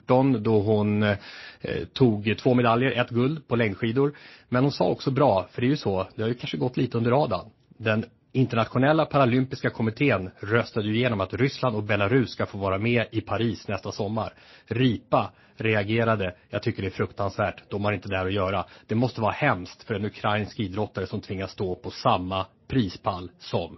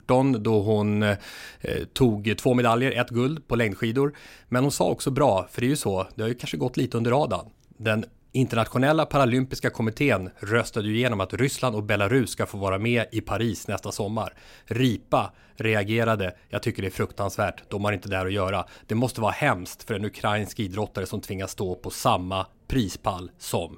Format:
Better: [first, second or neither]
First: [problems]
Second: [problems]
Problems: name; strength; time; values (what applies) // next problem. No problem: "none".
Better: second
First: garbled, watery; slightly; nothing above 5.5 kHz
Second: none